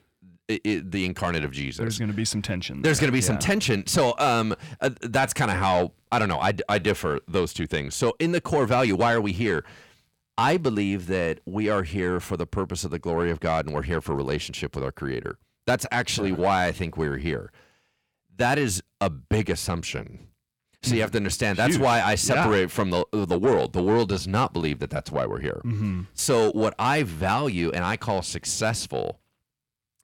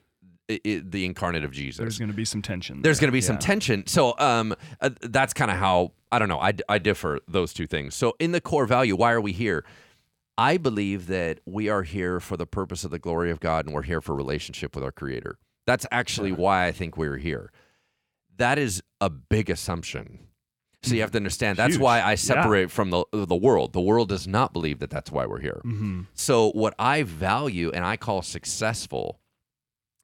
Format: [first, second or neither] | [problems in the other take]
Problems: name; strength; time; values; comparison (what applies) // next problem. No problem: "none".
second | distortion; slight; 10 dB below the speech